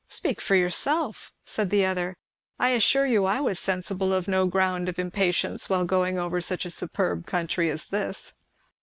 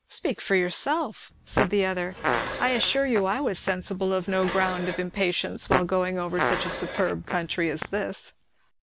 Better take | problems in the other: first | background sound (Dishes, pots, and pans + Fart); 6 dB below the speech

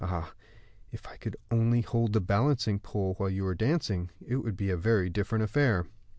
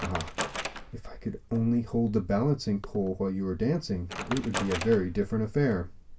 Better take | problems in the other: first | background sound (Wood); 11 dB below the speech // room echo; dies away in 0.2 s

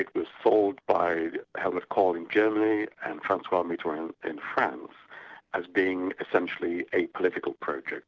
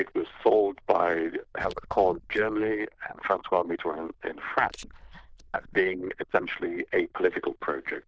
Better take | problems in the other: first | noise reduction (neural diffusion model UNIVERSE++)

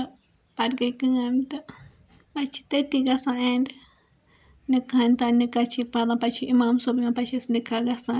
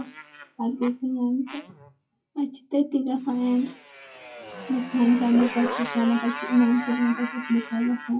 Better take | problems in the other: first | noise reduction (classical method WPE with log-MMSE)

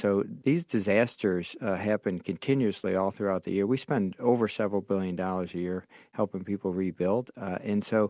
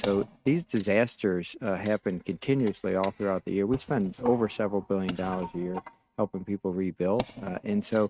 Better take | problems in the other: first | noise reduction (neural mask model RNNoise)

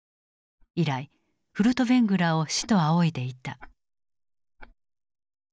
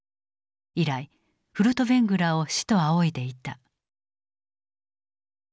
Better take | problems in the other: second | noise reduction (neural mask model DeepFilterNet 3)

